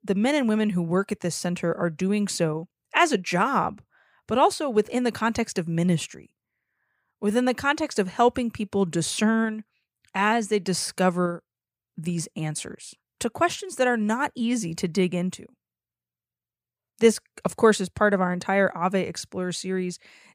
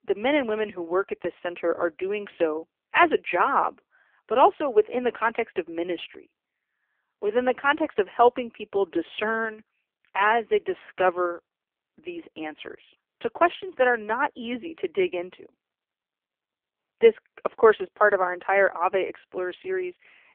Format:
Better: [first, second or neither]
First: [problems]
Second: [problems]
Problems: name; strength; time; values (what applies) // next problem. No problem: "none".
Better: first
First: none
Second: phone-call audio; poor line; nothing above 3.5 kHz